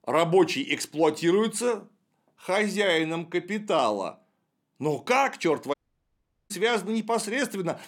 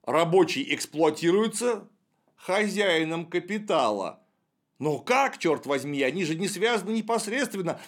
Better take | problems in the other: second | audio cutting out; at 5.5 s for 1 s

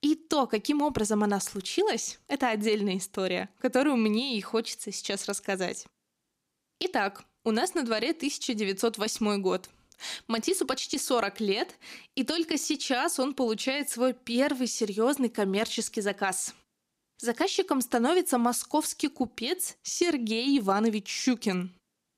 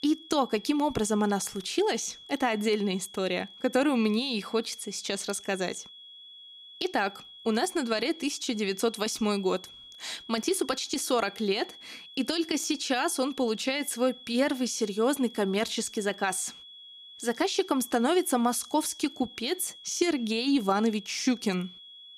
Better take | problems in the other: first | high-pitched whine; noticeable; throughout; 3.5 kHz, 15 dB below the speech

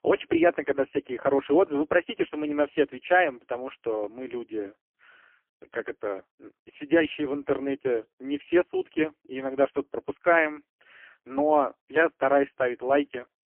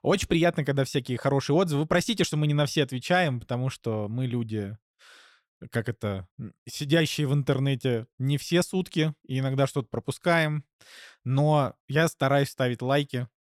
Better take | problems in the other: second | phone-call audio; poor line; nothing above 3 kHz

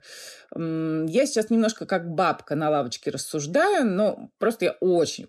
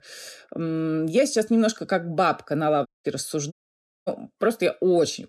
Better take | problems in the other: first | audio cutting out; at 3 s and at 3.5 s for 0.5 s

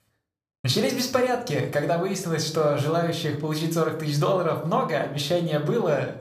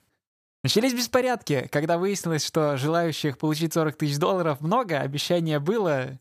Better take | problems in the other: second | room echo; slight; dies away in 0.5 s

